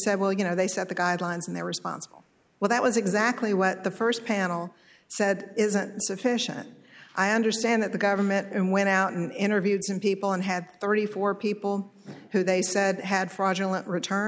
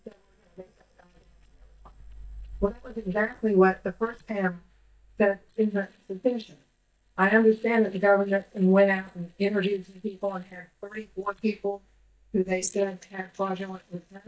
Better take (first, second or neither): first